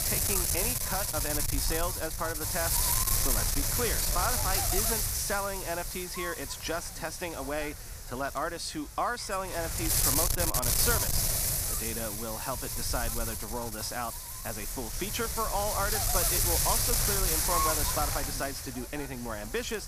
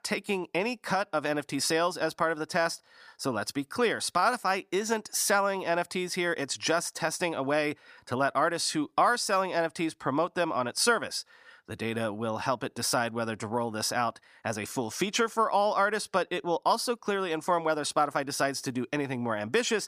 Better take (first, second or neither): second